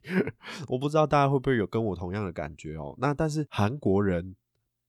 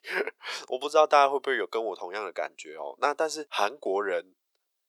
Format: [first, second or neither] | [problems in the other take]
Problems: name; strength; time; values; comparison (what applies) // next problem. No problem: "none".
first | thin; very; fading below 450 Hz